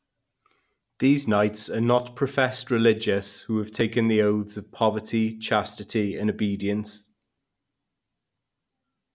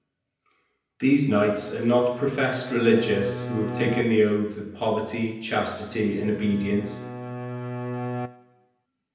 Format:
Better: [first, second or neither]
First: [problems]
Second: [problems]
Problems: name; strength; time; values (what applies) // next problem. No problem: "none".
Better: first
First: none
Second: background sound (Bowed string instrument); 9 dB below the speech // room echo; dies away in 0.9 s